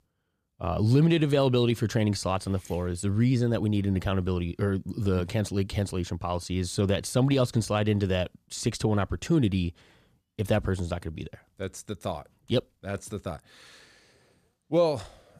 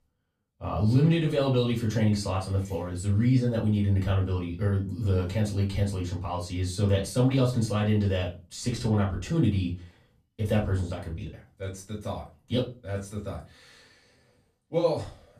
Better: first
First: none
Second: off-mic speech; far // room echo; very slight; dies away in 0.2 s

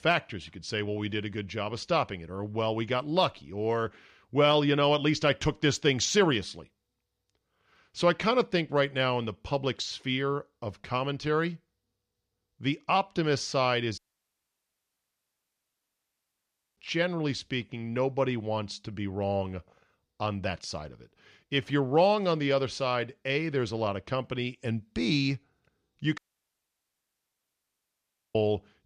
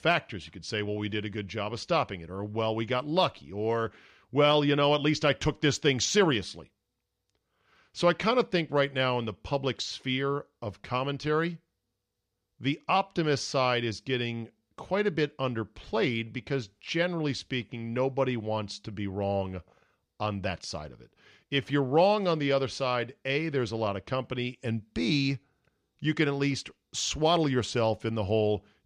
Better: second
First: audio cutting out; at 14 s for 3 s and at 26 s for 2 s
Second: none

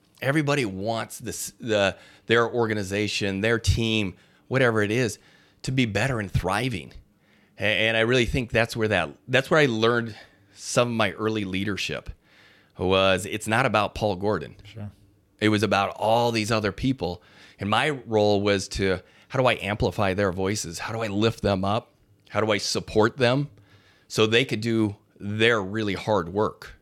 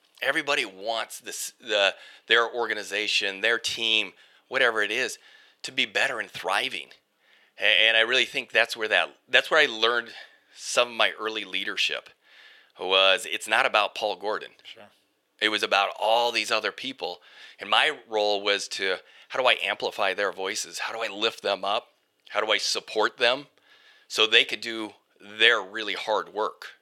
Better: first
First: none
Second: thin; very; fading below 600 Hz

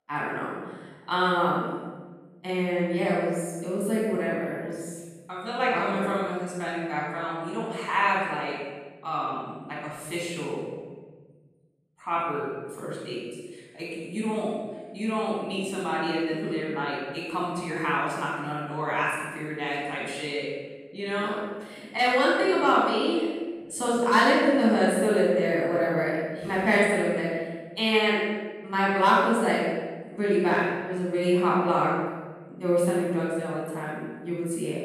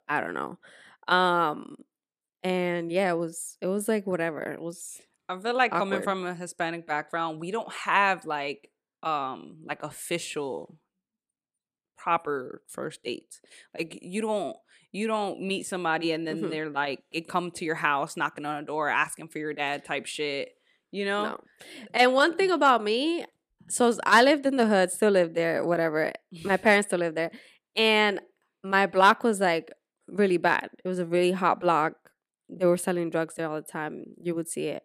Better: second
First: off-mic speech; far // room echo; strong; dies away in 1.4 s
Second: none

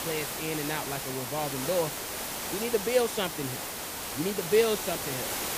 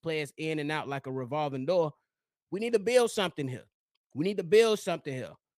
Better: second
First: hiss; loud; throughout; 3 dB below the speech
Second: none

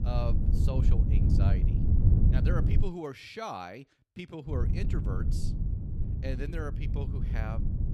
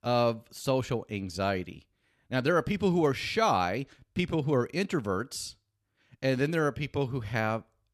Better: second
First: wind noise on the microphone; heavy; until 3 s and from 4.5 s on; 2 dB below the speech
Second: none

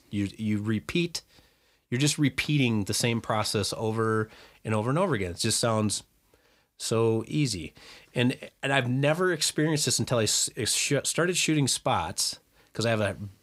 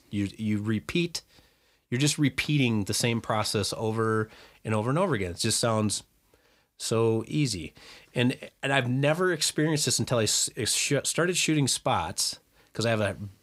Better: neither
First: none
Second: none

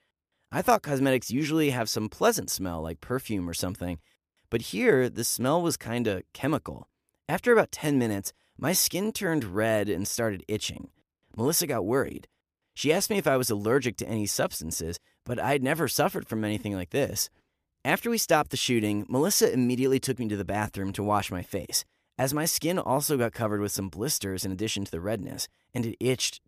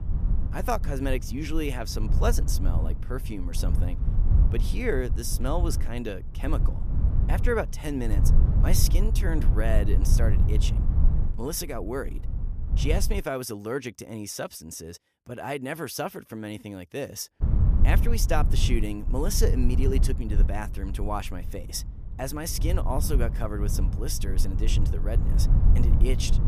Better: first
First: none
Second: low rumble; loud; until 13 s and from 17 s on; 9 dB below the speech

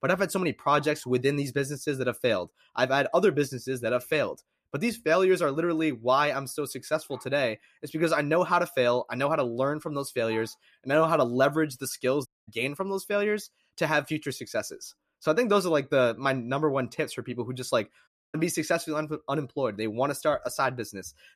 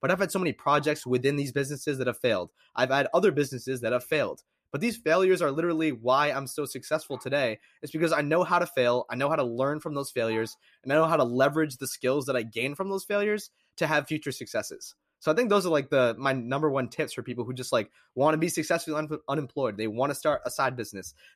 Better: second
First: audio cutting out; at 12 s and at 18 s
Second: none

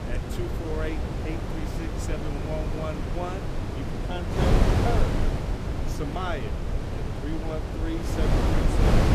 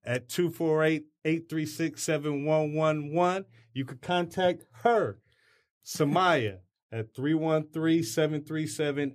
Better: second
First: wind noise on the microphone; heavy; 3 dB above the speech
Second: none

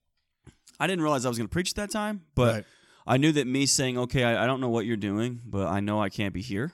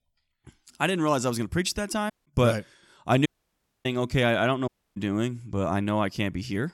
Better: first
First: none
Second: audio cutting out; at 2 s, at 3.5 s for 0.5 s and at 4.5 s

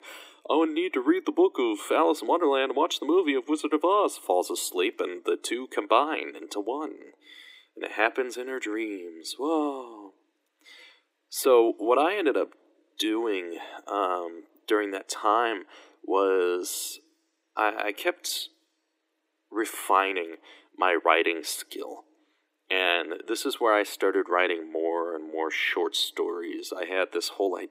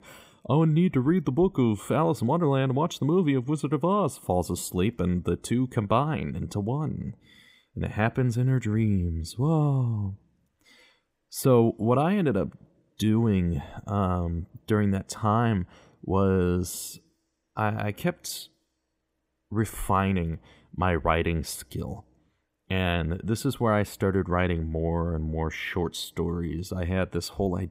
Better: second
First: thin; very; fading below 300 Hz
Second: none

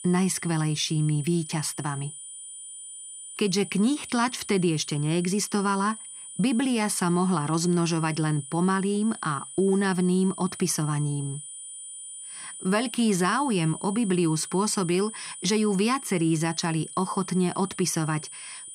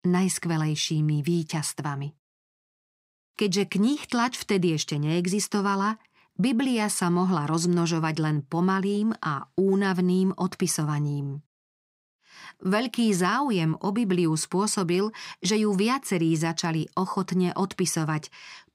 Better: second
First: high-pitched whine; noticeable; throughout; 9 kHz, 10 dB below the speech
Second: none

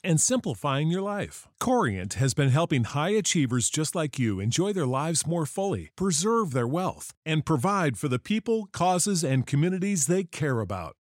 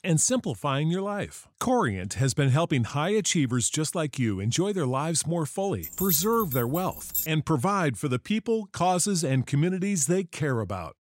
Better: first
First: none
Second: jangling keys; noticeable; from 6 to 7.5 s; peak 1 dB below the speech

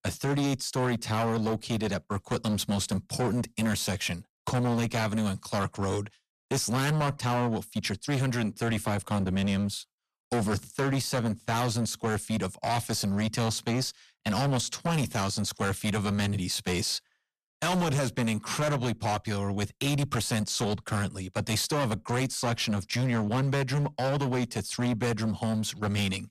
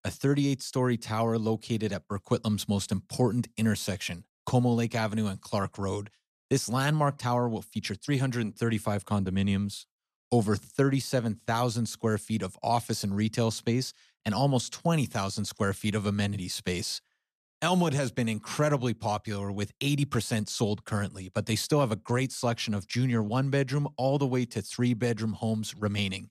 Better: second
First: distortion; heavy; 20% of the sound clipped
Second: none

